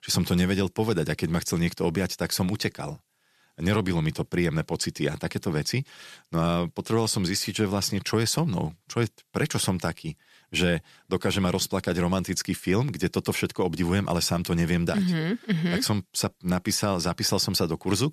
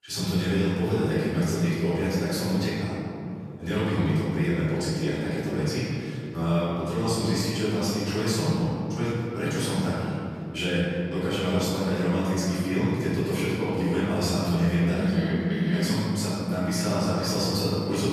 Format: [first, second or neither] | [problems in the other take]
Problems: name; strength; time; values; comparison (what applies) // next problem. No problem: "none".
first | off-mic speech; far // room echo; strong; dies away in 2.6 s